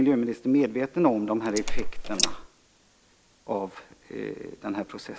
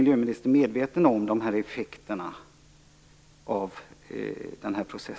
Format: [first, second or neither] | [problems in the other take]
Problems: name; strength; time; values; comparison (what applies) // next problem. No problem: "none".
second | noise reduction (neural mask model Resemble Enhance denoiser)